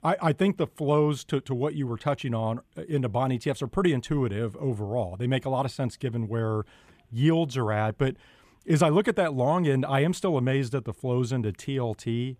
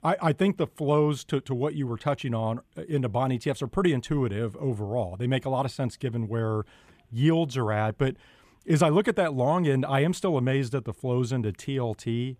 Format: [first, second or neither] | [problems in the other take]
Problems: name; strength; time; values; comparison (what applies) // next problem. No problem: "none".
neither | none